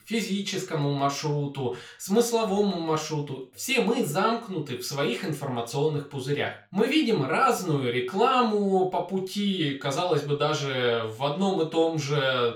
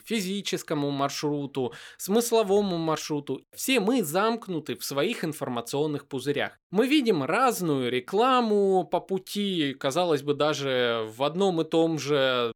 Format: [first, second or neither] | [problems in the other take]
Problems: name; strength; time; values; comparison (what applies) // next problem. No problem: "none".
second | room echo; slight; dies away in 0.3 s // off-mic speech; far